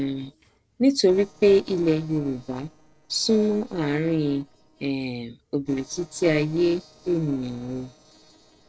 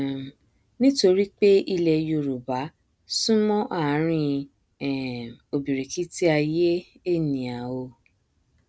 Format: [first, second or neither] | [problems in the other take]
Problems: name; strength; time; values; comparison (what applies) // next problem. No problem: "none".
second | noise reduction (neural separator model SepFormer DNS4)